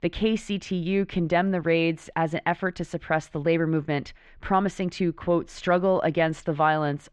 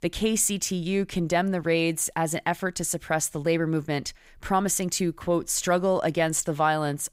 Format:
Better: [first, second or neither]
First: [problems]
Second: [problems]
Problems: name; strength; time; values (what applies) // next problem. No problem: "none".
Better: second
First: muffled; very; fading above 3 kHz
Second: none